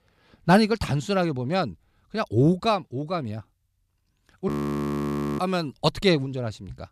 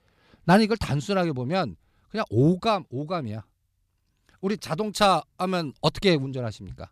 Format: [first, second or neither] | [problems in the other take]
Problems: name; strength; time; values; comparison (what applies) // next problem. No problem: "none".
second | audio freezing; at 4.5 s for 1 s